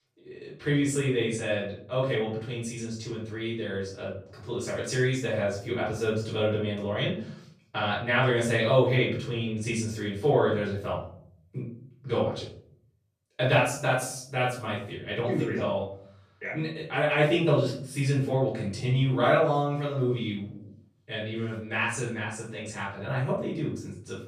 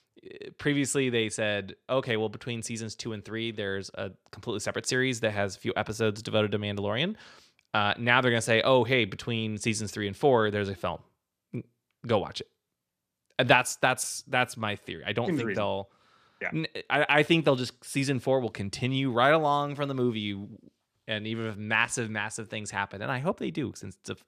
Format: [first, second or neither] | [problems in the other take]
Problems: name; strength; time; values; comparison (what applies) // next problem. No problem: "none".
second | room echo; noticeable; dies away in 0.6 s // off-mic speech; far